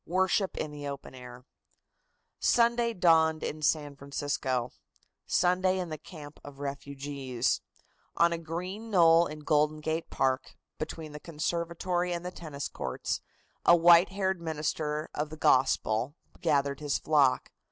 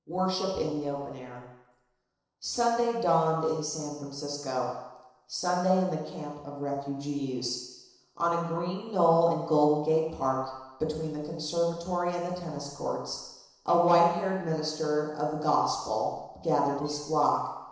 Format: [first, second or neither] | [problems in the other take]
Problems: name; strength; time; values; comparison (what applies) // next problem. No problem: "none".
first | noise reduction (neural separator model SepFormer DNS4)